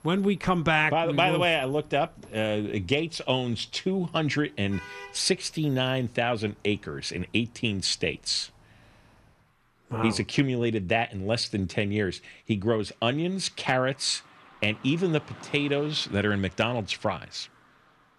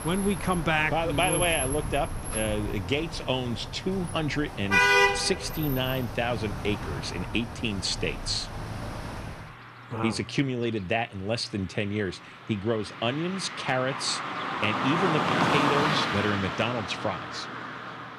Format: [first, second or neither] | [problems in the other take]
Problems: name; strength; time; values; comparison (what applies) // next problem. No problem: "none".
first | traffic noise; loud; throughout; 1 dB below the speech; faint in the first